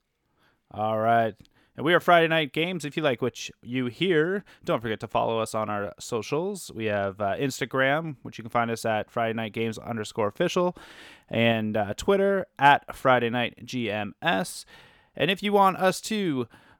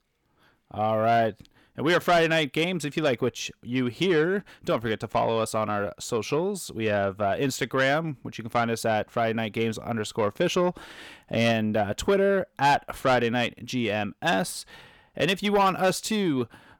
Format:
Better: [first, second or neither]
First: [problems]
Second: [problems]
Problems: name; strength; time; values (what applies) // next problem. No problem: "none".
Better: first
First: none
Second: distortion; slight; 10 dB below the speech